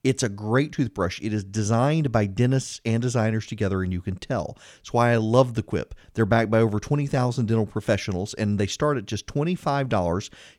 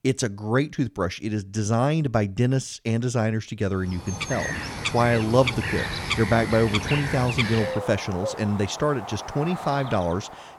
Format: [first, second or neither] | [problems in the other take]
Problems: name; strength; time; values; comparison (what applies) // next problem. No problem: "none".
first | animal sounds; loud; from 4 s on; 5 dB below the speech